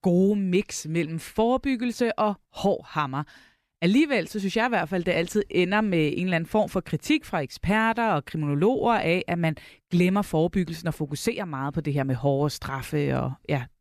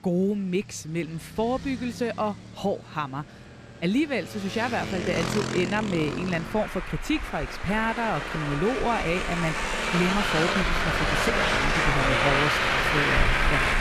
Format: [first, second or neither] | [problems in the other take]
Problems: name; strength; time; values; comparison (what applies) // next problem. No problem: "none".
first | traffic noise; very loud; throughout; 3 dB above the speech